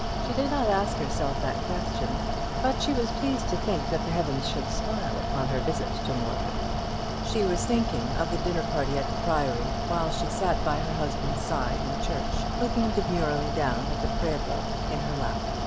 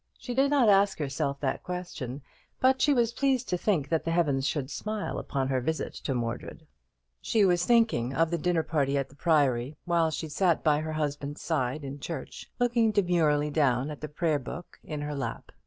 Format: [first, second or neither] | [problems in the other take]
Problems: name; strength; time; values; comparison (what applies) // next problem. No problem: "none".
second | background sound (Mechanical fan); 2 dB above the speech